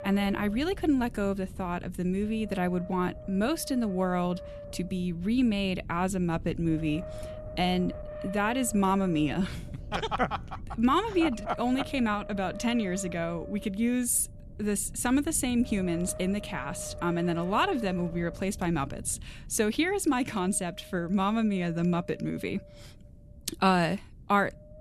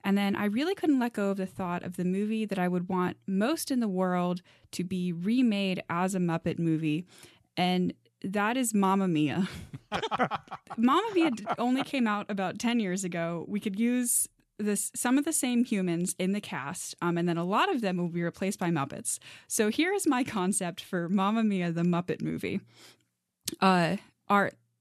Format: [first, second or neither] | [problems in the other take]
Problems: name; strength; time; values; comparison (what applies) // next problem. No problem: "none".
second | wind noise on the microphone; occasional gusts; 15 dB below the speech